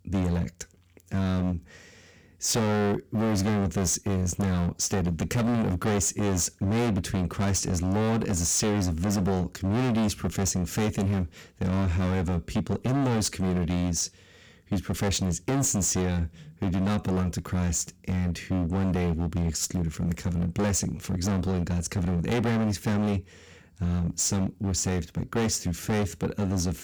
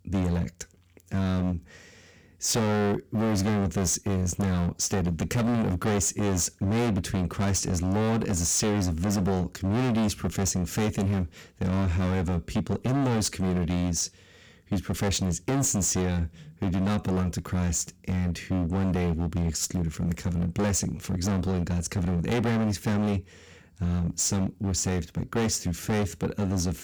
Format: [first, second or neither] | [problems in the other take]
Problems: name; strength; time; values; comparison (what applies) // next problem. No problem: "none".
neither | distortion; heavy; 24% of the sound clipped; the same in both